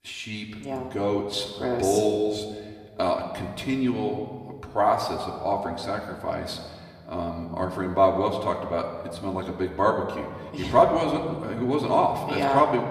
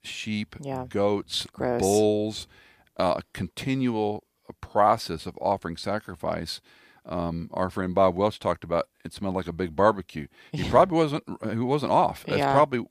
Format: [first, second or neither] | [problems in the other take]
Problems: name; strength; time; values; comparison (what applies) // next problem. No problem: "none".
second | room echo; slight; dies away in 1.4 s // off-mic speech; somewhat distant